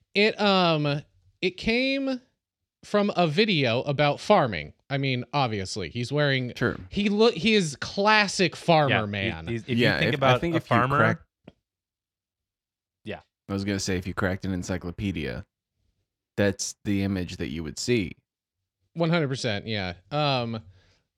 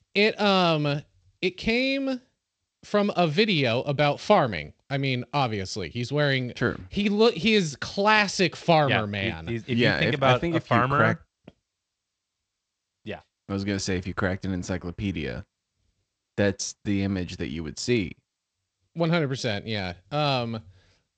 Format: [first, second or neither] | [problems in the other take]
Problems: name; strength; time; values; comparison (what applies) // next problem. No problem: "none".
first | garbled, watery; slightly; nothing above 7.5 kHz